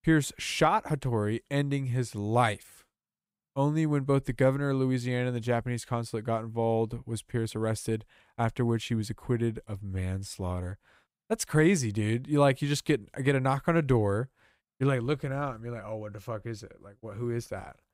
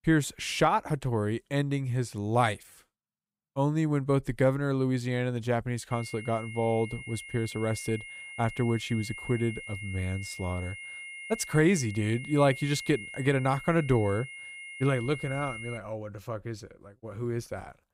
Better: first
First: none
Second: high-pitched whine; noticeable; from 6 to 16 s; 2 kHz, 10 dB below the speech

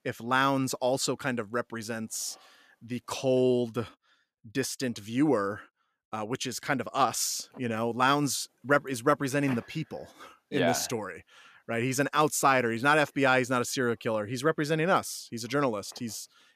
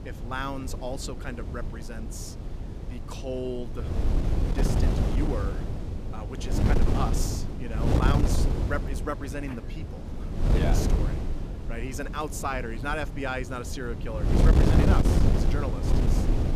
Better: first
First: none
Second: wind noise on the microphone; heavy; 1 dB below the speech

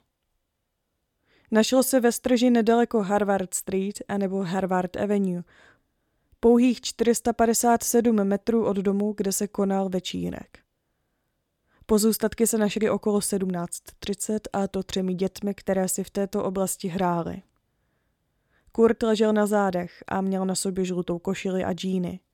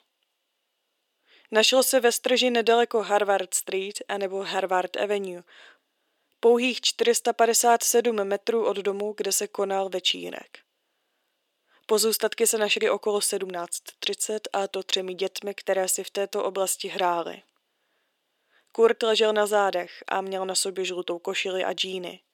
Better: first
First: none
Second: thin; somewhat; fading below 350 Hz

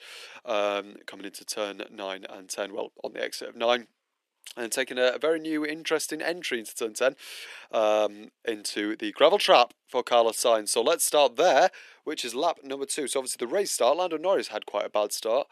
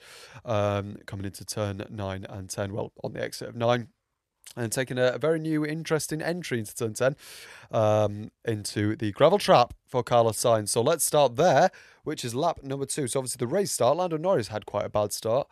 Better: second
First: thin; somewhat; fading below 300 Hz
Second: none

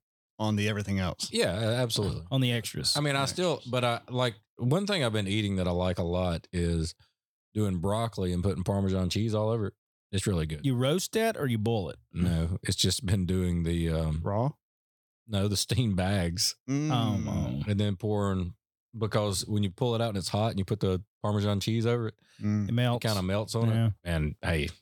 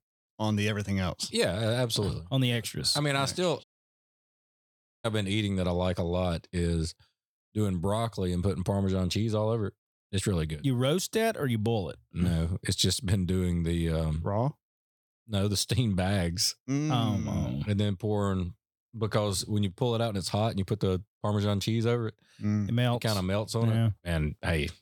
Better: first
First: none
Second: audio cutting out; at 3.5 s for 1.5 s

